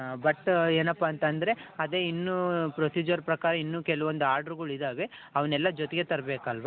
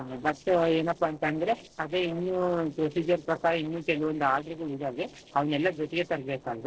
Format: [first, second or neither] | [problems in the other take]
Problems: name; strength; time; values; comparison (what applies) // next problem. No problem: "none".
first | noise reduction (neural separator model SepFormer DNS4)